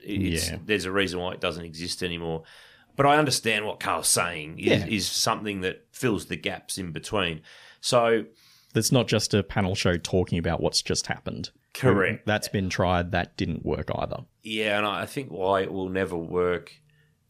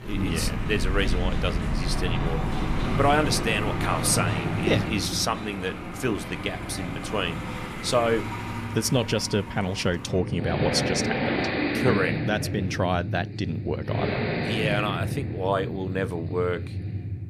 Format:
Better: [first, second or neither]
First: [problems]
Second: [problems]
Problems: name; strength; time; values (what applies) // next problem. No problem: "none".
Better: first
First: none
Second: traffic noise; loud; throughout; 2 dB below the speech